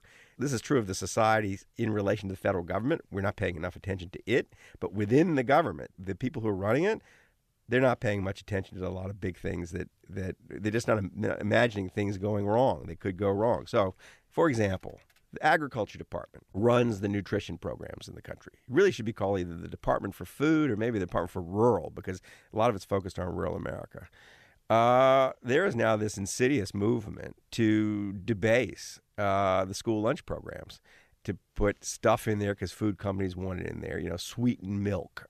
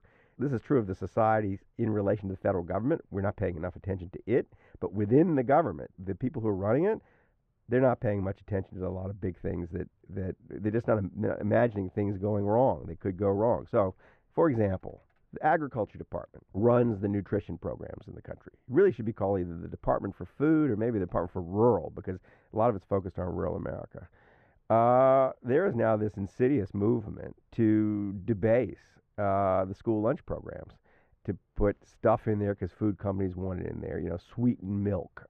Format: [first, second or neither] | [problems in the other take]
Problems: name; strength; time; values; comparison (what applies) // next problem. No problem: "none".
first | muffled; very; fading above 3 kHz